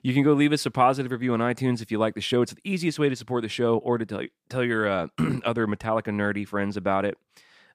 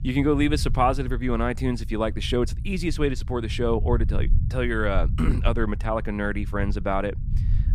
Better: first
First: none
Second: low rumble; noticeable; throughout; 20 dB below the speech

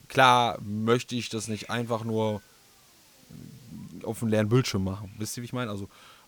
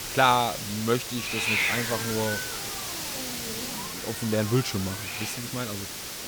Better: first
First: hiss; faint; throughout; 25 dB below the speech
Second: hiss; loud; throughout; 2 dB below the speech

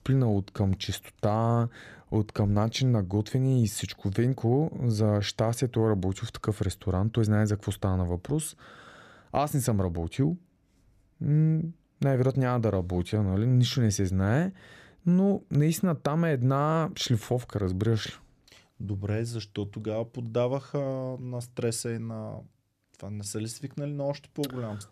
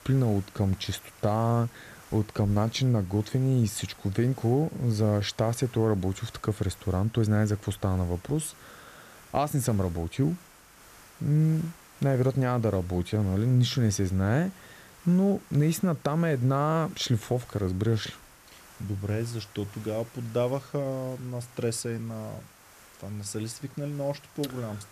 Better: first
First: none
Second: hiss; faint; throughout; 25 dB below the speech

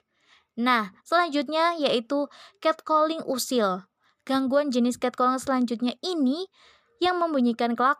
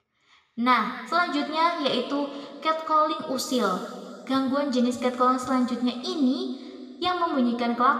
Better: first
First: none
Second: room echo; noticeable; dies away in 2.1 s // off-mic speech; somewhat distant

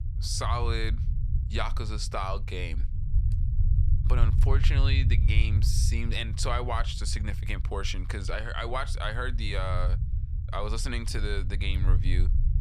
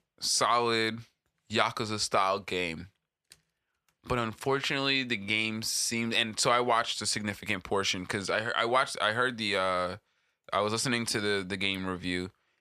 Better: second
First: low rumble; noticeable; throughout; 10 dB below the speech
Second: none

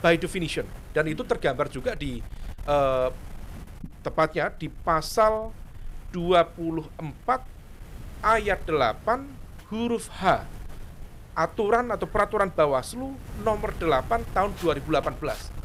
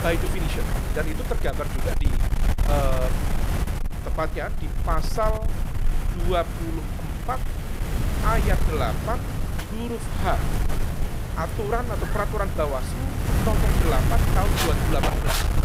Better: first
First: wind noise on the microphone; occasional gusts; 25 dB below the speech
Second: wind noise on the microphone; heavy; 4 dB below the speech

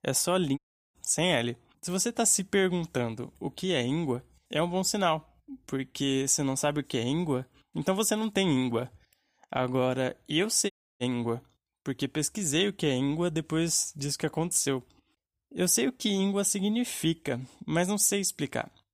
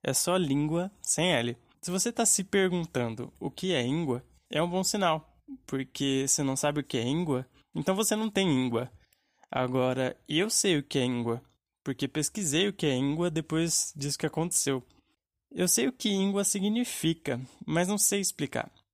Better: second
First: audio cutting out; at 0.5 s and at 11 s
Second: none

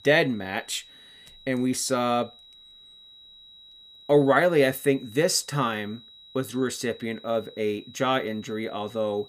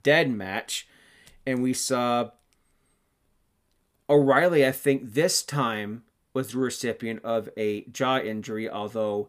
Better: second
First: high-pitched whine; faint; throughout; 4 kHz, 20 dB below the speech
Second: none

